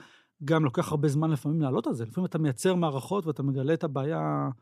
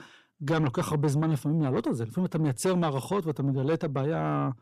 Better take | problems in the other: first | distortion; slight; 10 dB below the speech

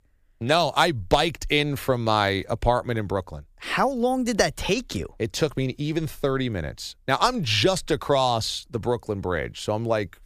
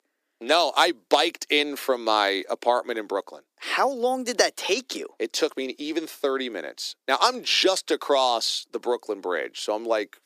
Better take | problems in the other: first | thin; somewhat; fading below 300 Hz

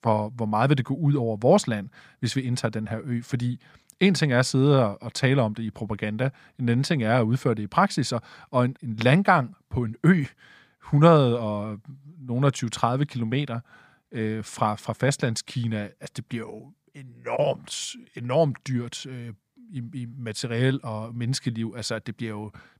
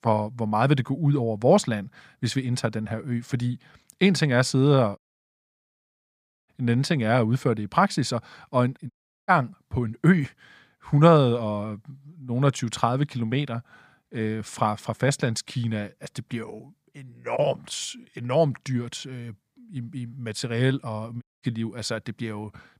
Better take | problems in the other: first | audio cutting out; at 5 s for 1.5 s, at 9 s and at 21 s

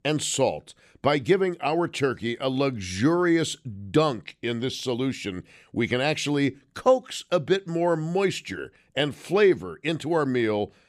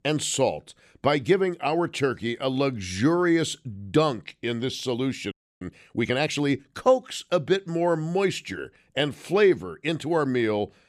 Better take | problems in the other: first | audio freezing; at 5.5 s

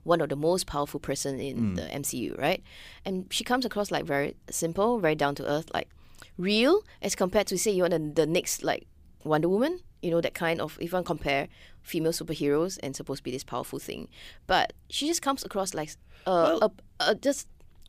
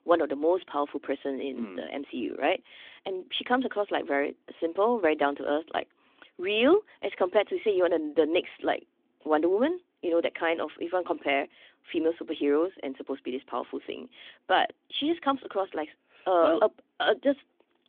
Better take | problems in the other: first | phone-call audio; nothing above 3.5 kHz

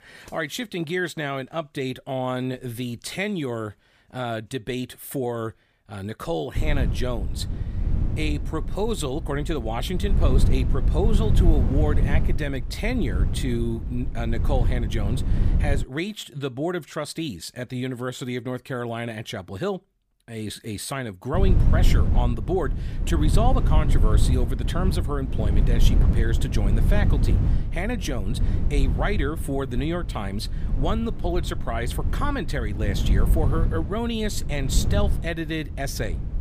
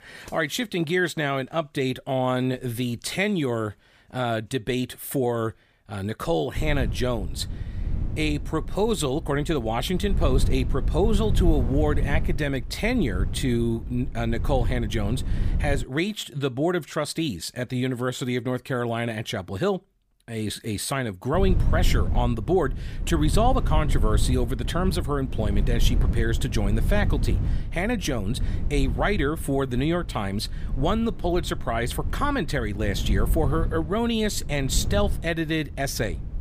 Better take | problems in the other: second | wind noise on the microphone; heavy; from 6.5 to 16 s and from 21 s on; 8 dB below the speech; occasional gusts in the second

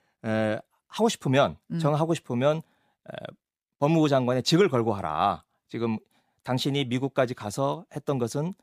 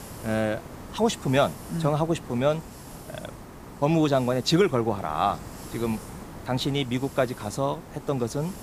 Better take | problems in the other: first | hiss; noticeable; throughout; 15 dB below the speech

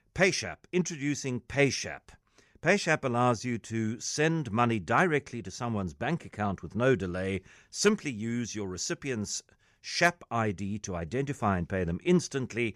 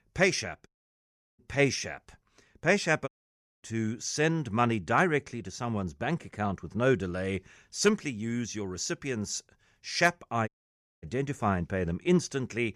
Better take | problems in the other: first | audio cutting out; at 0.5 s for 0.5 s, at 3 s for 0.5 s and at 10 s for 0.5 s

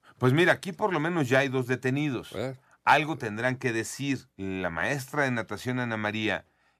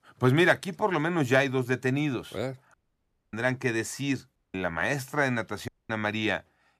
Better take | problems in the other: first | audio cutting out; at 2.5 s for 0.5 s, at 4.5 s and at 5.5 s

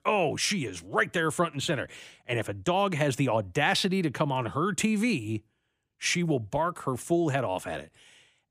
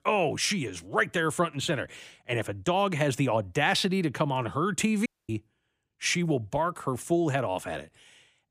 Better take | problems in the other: first | audio cutting out; at 5 s

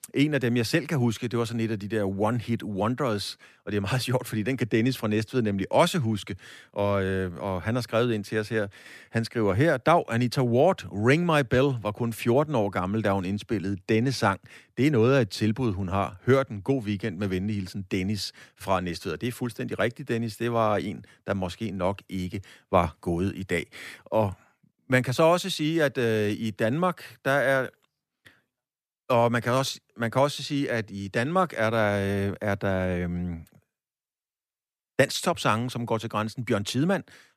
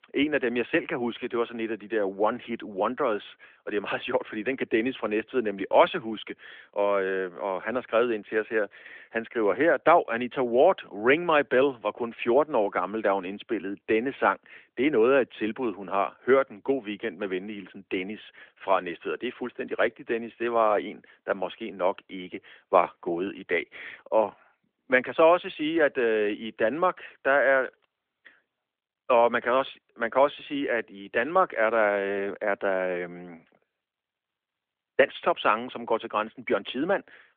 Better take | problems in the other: first | phone-call audio; nothing above 3.5 kHz

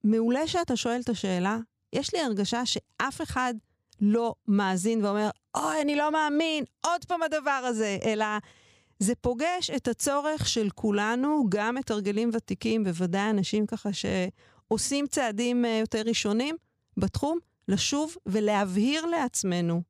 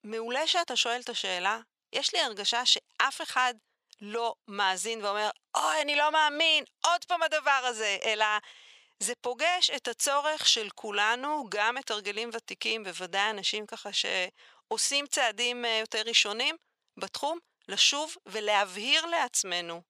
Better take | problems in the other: first | thin; very; fading below 750 Hz

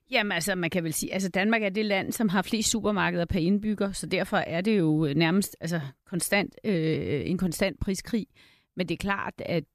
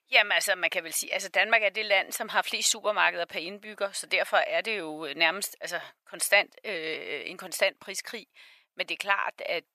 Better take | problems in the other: first | thin; very; fading below 850 Hz

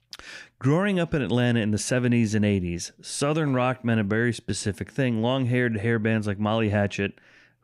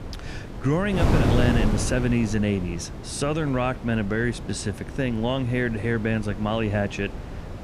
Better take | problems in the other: first | wind noise on the microphone; heavy; 7 dB below the speech

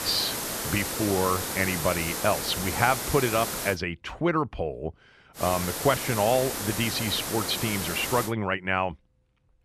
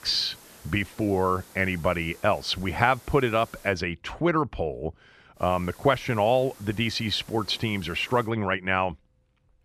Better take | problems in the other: second | hiss; loud; until 3.5 s and from 5.5 to 8.5 s; 3 dB below the speech; faint in the second

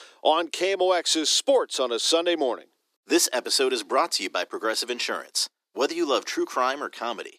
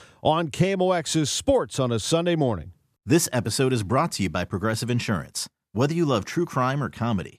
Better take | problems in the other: second | thin; very; fading below 300 Hz

